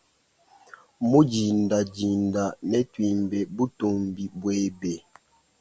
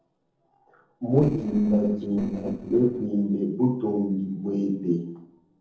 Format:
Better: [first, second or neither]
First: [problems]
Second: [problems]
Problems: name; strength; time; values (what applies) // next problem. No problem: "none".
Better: first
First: none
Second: noise reduction (neural separator model SepFormer DNS4)